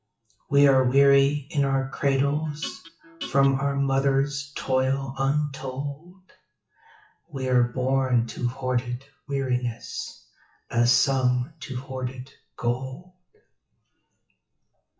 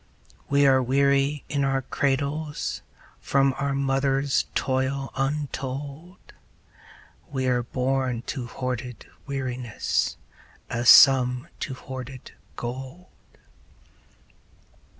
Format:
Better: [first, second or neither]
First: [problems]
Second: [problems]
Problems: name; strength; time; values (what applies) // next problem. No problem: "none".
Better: second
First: noise reduction (classical method WPE with log-MMSE)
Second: none